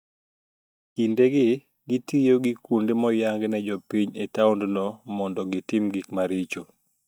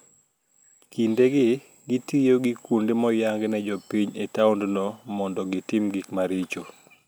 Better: second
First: noise reduction (neural mask model DeepFilterNet 3)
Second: none

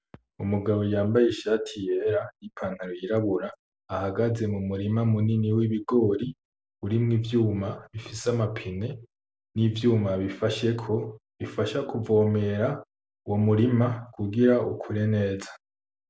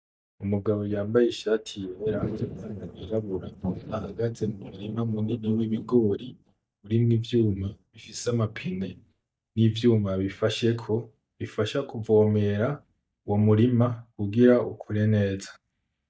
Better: first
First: none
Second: noise reduction (neural mask model DeepFilterNet 3)

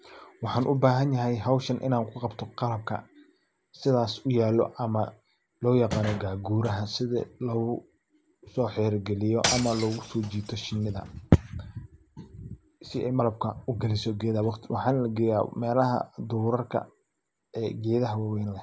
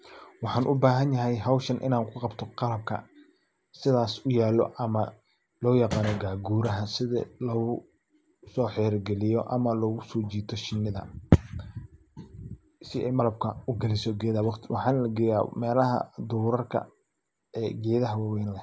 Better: second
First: background sound (Shatter / Crushing); 7 dB below the speech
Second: none

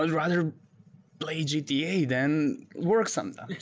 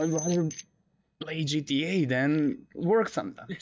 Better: first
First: none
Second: noise reduction (neural mask model DeepFilterNet 3)

